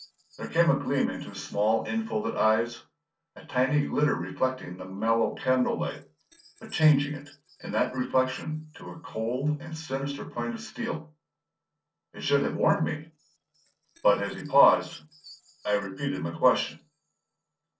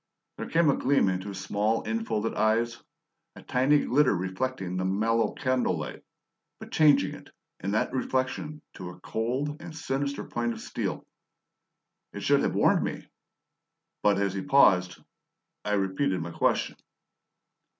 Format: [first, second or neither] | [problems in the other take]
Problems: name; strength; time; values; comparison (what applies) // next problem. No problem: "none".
second | noise reduction (neural separator model SepFormer DNS4)